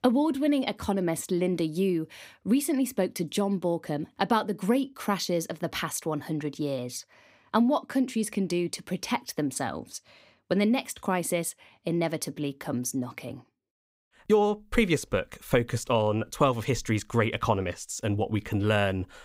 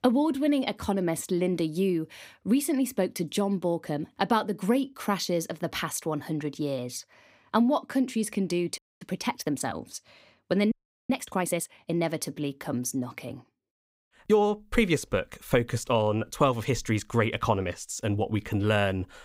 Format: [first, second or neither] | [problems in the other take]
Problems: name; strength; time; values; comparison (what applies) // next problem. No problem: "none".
first | audio freezing; at 9 s and at 11 s